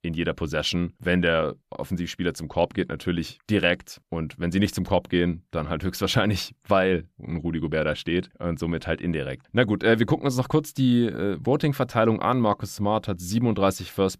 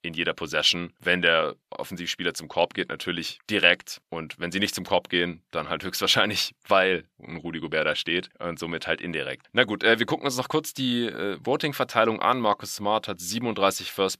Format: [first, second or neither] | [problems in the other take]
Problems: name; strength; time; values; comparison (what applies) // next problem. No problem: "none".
first | thin; somewhat; fading below 700 Hz